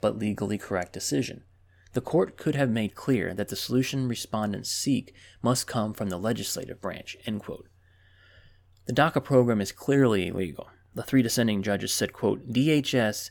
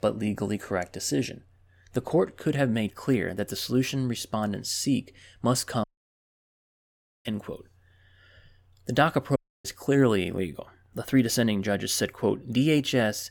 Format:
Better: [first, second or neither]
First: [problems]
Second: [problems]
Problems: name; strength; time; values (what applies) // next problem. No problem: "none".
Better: first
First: none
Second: audio cutting out; at 6 s for 1.5 s and at 9.5 s